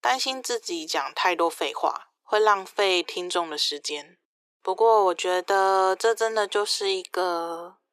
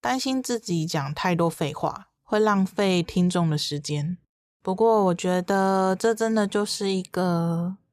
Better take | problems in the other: second | thin; very; fading below 350 Hz

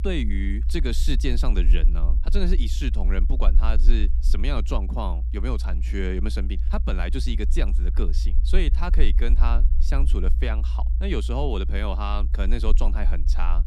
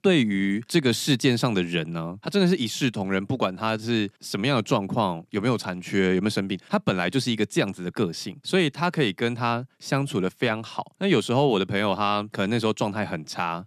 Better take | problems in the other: second | low rumble; noticeable; throughout; 15 dB below the speech

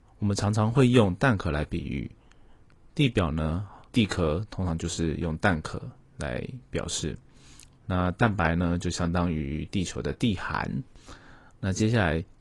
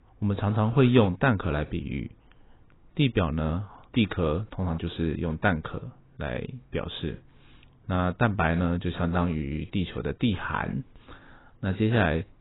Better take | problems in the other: first | garbled, watery; badly; nothing above 4 kHz; slightly in the first

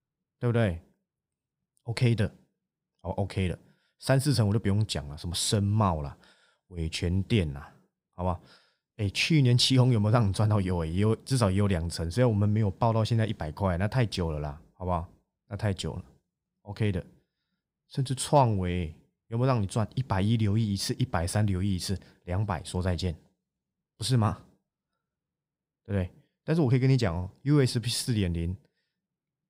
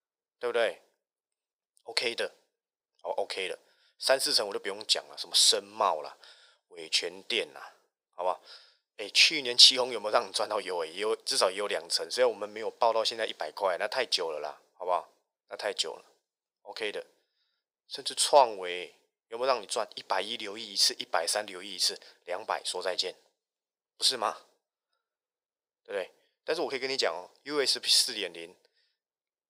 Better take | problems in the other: first | thin; very; fading below 500 Hz

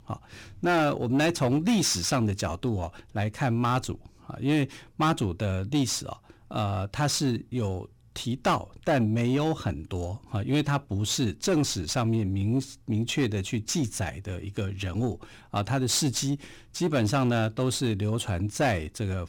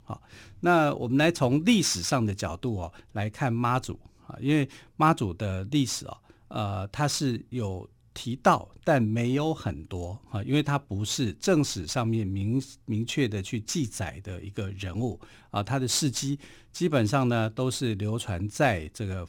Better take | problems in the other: second | distortion; slight; 10 dB below the speech

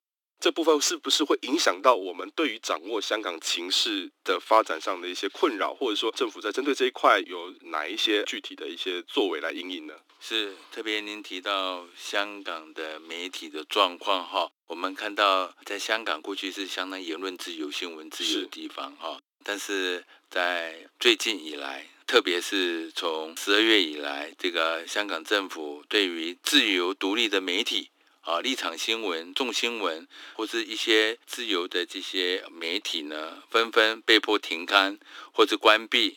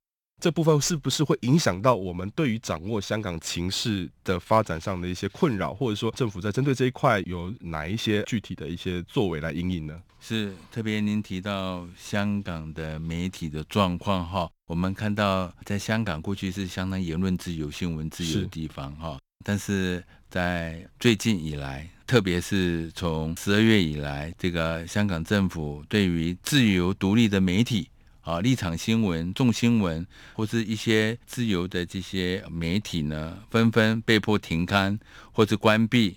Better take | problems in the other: second | thin; very; fading below 300 Hz

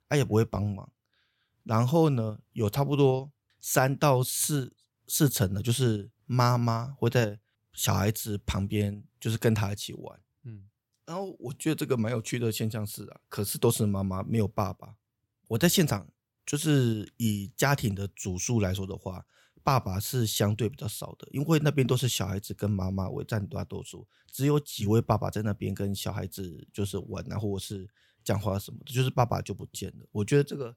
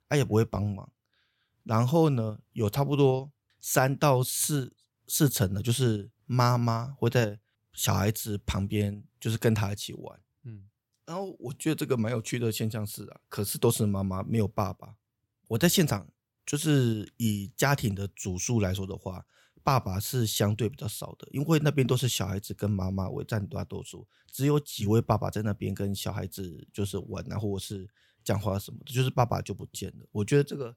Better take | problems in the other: neither | none

